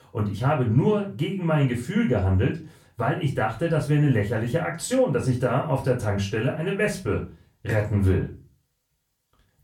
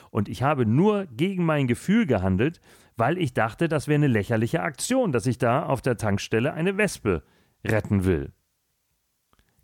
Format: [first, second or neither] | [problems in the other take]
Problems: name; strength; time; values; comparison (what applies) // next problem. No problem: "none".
second | off-mic speech; far // room echo; slight; dies away in 0.3 s